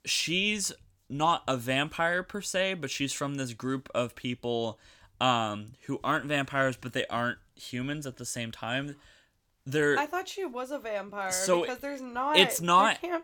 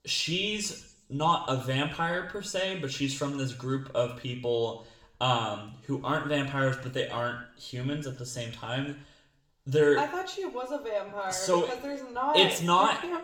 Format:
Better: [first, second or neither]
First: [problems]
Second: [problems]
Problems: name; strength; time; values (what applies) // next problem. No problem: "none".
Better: first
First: none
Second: room echo; slight; dies away in 0.6 s // off-mic speech; somewhat distant